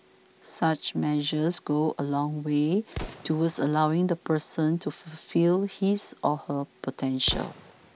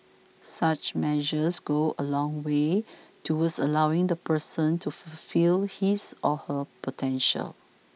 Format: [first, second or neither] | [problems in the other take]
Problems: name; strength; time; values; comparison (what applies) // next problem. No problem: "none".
second | background sound (Explosion); 18 dB below the speech